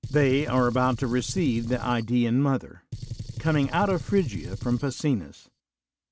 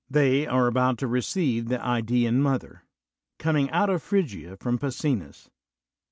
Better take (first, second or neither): second